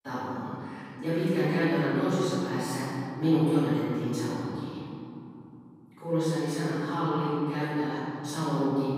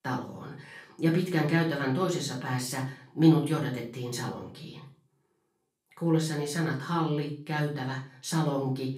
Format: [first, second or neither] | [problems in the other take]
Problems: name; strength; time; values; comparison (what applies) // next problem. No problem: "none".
second | room echo; strong; dies away in 2.9 s; slight in the second // off-mic speech; far; far in the second